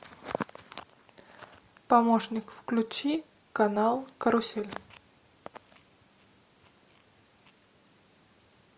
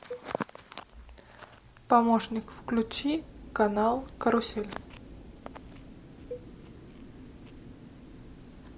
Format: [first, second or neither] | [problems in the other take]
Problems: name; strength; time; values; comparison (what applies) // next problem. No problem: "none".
first | background sound (Mechanical fan + Cowbell); 15 dB below the speech